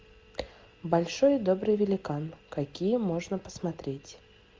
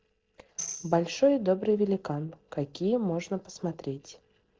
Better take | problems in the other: first | noise reduction (neural separator model SepFormer DNS4)

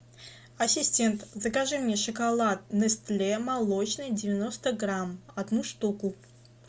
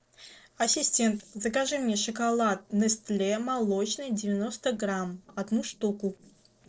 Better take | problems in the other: first | noise reduction (neural separator model SepFormer DNS4)

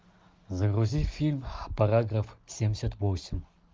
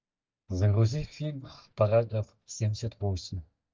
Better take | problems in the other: first | noise reduction (neural mask model DeepFilterNet 3)

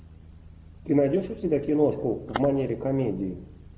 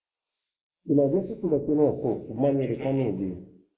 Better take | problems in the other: first | noise reduction (neural mask model Resemble Enhance denoiser)

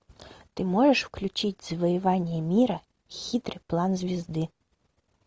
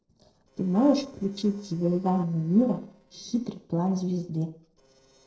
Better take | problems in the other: first | noise reduction (neural separator model SepFormer DNS4)

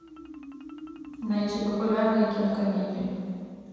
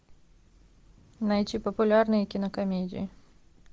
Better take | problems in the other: second | background sound (Marimba, xylophone); 18 dB below the speech // room echo; dies away in 2.1 s

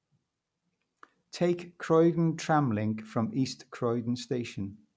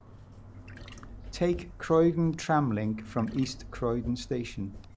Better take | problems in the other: first | background sound (Trickle, dribble / Chirp, tweet); 15 dB below the speech

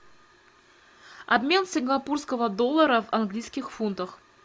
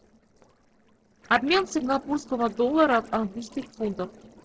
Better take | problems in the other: first | noise reduction (neural separator model SepFormer DNS4)

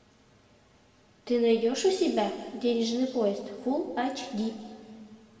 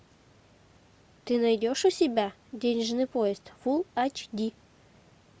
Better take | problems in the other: second | room echo; dies away in 1.8 s

